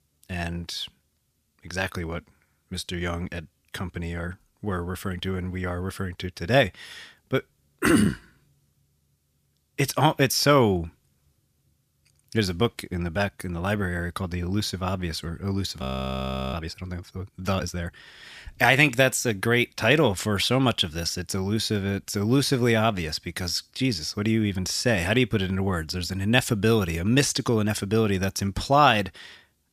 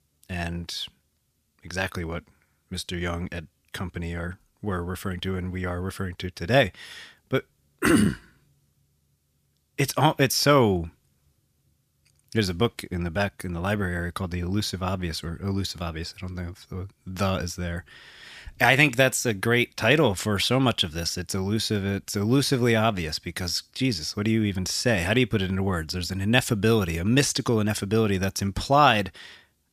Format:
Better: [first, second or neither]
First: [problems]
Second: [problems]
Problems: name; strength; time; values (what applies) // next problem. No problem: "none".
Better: second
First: audio freezing; at 16 s for 0.5 s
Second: none